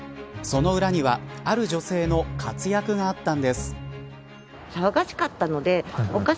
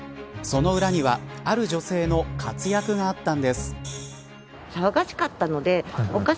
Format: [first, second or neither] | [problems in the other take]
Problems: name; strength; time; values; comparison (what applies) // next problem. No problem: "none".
first | background sound (Hi-hat); 18 dB below the speech